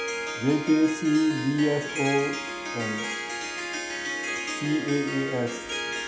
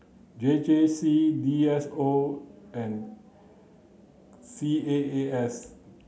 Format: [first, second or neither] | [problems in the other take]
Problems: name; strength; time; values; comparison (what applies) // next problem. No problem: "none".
second | background sound (Harp); 5 dB below the speech